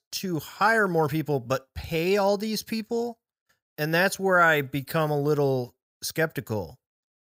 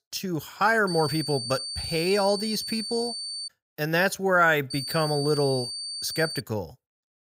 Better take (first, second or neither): first